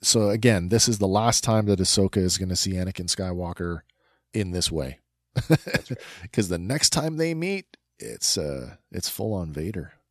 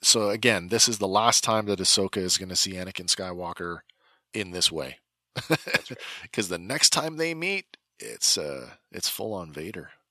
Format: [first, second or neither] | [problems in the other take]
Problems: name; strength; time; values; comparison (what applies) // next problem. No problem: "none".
first | thin; somewhat; fading below 500 Hz